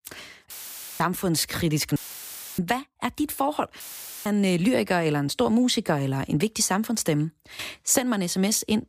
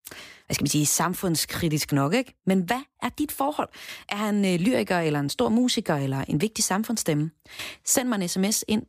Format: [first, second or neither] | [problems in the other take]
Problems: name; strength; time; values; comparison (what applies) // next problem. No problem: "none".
second | audio cutting out; filled with static; at 0.5 s for 0.5 s, at 2 s for 0.5 s and at 4 s